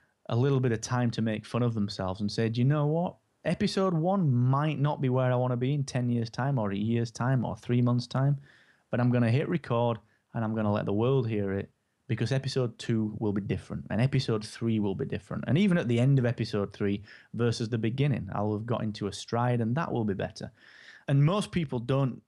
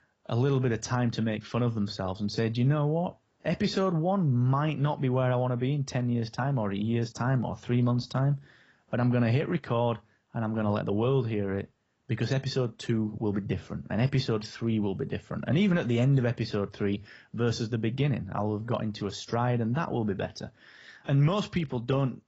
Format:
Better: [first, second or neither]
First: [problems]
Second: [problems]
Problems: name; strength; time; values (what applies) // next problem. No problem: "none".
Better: first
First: none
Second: garbled, watery; badly; nothing above 7.5 kHz